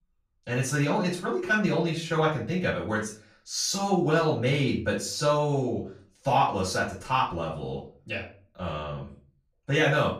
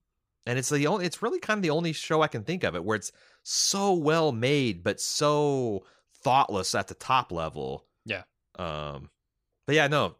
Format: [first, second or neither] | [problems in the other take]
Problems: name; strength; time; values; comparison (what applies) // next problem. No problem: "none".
second | room echo; slight; dies away in 0.3 s // off-mic speech; far